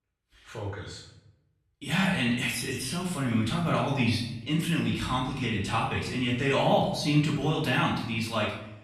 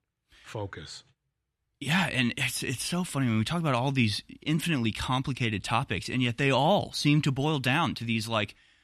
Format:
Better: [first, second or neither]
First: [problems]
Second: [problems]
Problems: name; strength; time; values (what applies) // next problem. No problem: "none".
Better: second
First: off-mic speech; far // room echo; noticeable; dies away in 0.6 s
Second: none